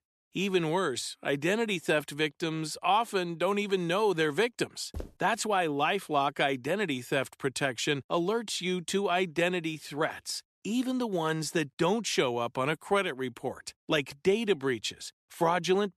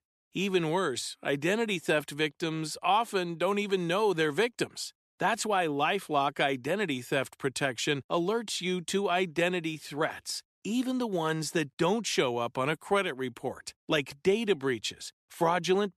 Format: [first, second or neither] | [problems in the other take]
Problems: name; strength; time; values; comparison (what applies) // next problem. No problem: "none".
second | footsteps; faint; at 5 s; peak 15 dB below the speech